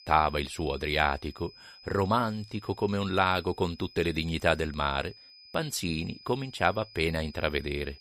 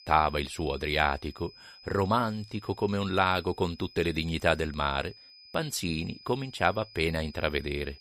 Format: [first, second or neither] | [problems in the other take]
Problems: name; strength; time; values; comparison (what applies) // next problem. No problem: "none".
neither | high-pitched whine; faint; throughout; 5 kHz, 20 dB below the speech; the same in both